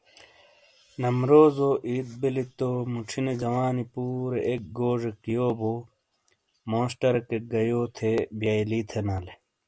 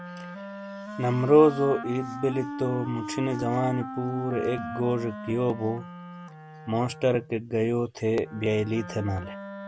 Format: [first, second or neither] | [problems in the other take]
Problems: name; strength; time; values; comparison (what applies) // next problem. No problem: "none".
first | background sound (Wind instrument, woodwind instrument); 11 dB below the speech